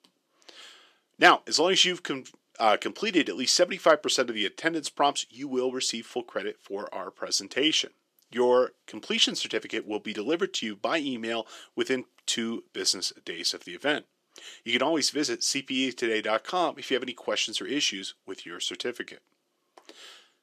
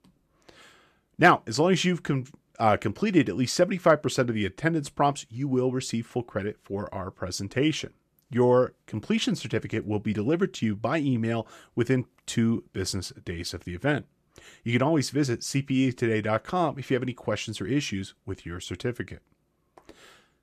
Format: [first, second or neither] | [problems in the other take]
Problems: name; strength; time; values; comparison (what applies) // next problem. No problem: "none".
second | thin; somewhat; fading below 300 Hz